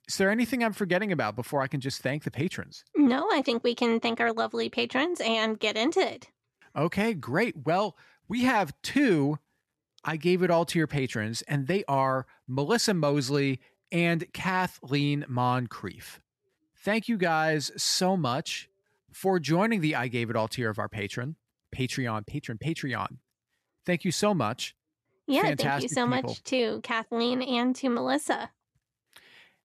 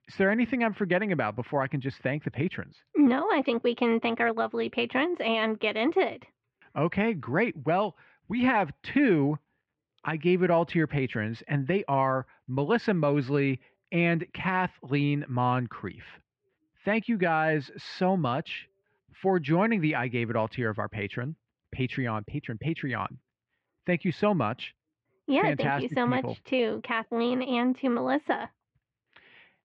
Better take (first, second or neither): first